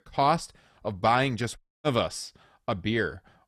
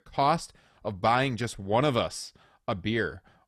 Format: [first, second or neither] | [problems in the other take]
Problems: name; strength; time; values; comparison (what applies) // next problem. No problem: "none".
second | audio cutting out; at 1.5 s